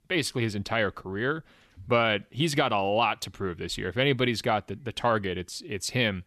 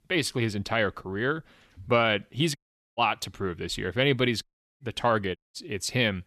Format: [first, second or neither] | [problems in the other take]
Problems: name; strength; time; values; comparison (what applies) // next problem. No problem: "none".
first | audio cutting out; at 2.5 s, at 4.5 s and at 5.5 s